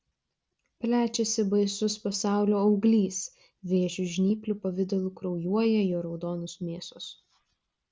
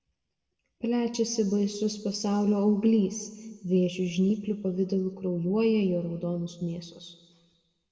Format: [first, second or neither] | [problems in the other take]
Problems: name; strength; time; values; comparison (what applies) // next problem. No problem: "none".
first | room echo; dies away in 1.2 s